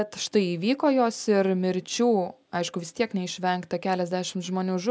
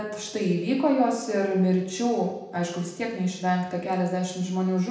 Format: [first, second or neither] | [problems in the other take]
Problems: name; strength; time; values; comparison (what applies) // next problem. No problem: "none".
first | room echo; dies away in 0.9 s